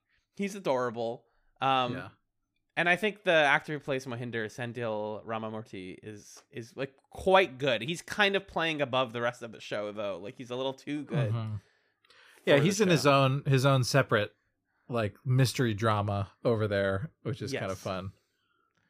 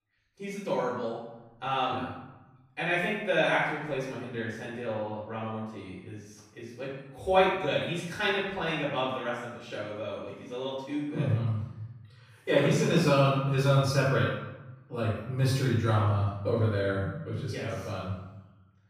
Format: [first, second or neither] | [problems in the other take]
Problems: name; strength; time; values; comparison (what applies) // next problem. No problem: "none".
first | room echo; noticeable; dies away in 0.8 s // off-mic speech; far